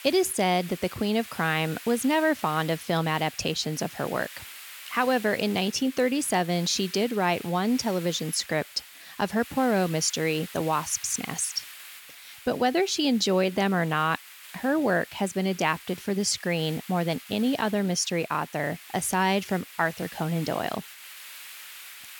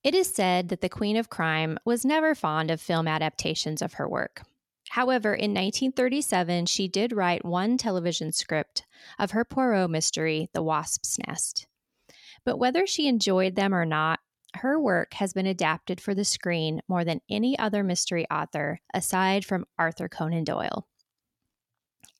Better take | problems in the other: second | hiss; noticeable; throughout; 15 dB below the speech

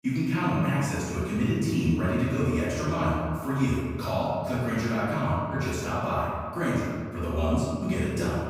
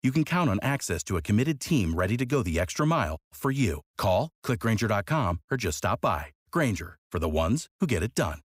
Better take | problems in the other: second | room echo; strong; dies away in 1.7 s // off-mic speech; far

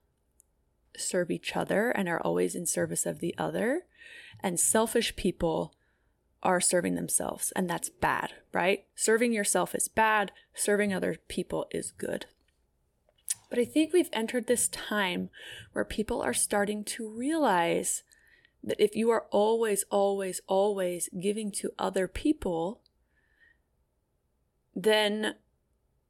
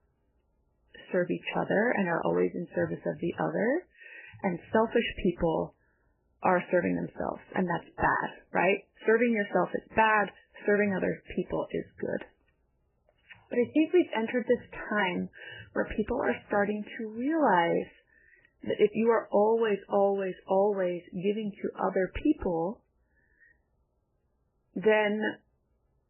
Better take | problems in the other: first | garbled, watery; badly; nothing above 3 kHz

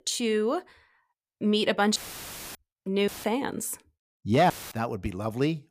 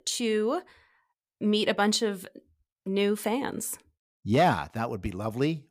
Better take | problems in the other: second | audio cutting out; filled with static; at 2 s for 0.5 s, at 3 s and at 4.5 s

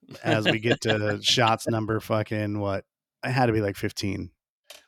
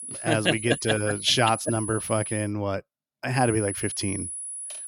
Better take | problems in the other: first | high-pitched whine; loud; until 2.5 s and from 3.5 s on; 10 kHz, 7 dB below the speech

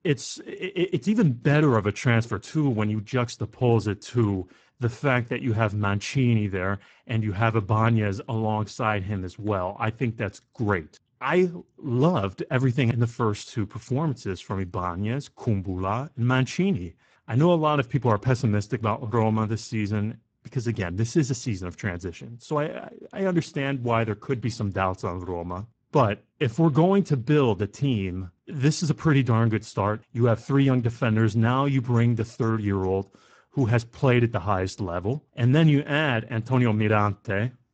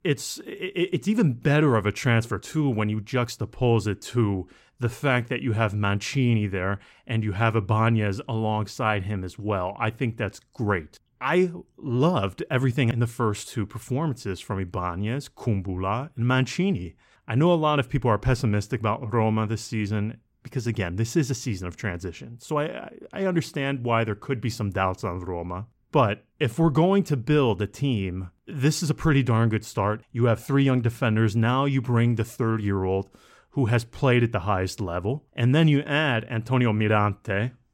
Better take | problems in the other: second | garbled, watery; badly; nothing above 8 kHz

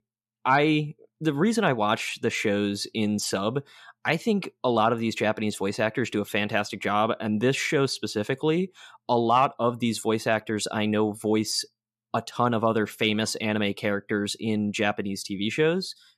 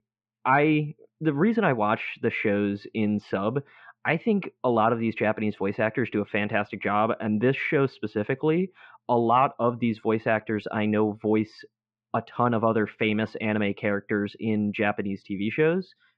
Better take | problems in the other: first | muffled; very; fading above 2.5 kHz

